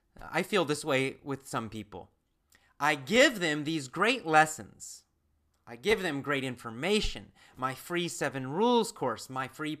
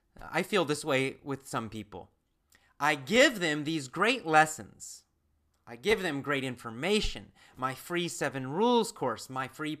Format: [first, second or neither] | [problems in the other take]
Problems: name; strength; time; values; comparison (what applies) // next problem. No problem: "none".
neither | none